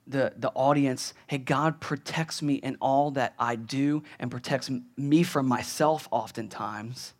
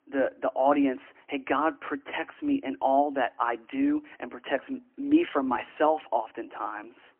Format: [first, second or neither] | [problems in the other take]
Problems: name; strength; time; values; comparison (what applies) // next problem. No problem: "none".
first | phone-call audio; poor line; nothing above 3 kHz